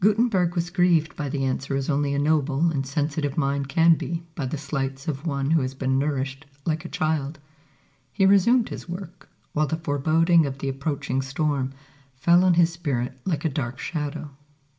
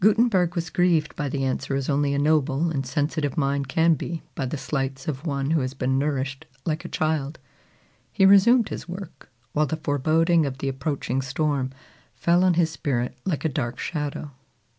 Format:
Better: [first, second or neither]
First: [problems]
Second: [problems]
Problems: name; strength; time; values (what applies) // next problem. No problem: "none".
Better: second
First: room echo; dies away in 0.5 s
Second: none